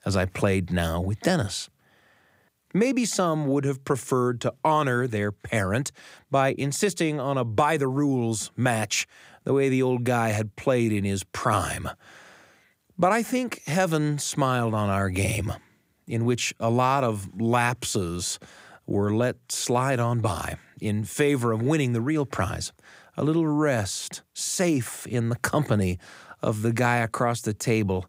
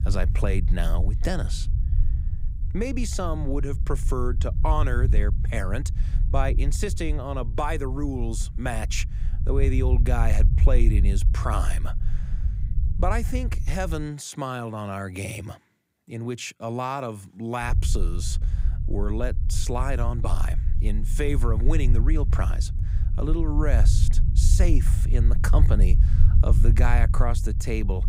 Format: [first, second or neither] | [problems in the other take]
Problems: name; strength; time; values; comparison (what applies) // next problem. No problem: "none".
first | low rumble; noticeable; until 14 s and from 18 s on; 10 dB below the speech